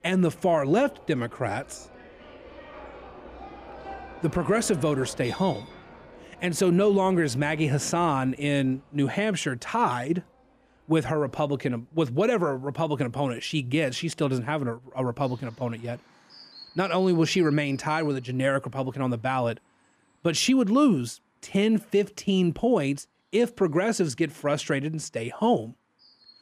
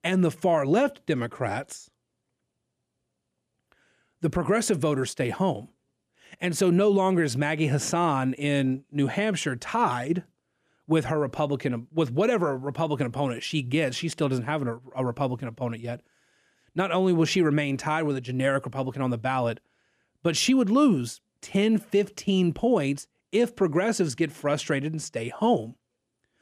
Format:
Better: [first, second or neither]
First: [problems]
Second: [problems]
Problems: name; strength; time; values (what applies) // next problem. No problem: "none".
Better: second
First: animal sounds; faint; throughout; 20 dB below the speech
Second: none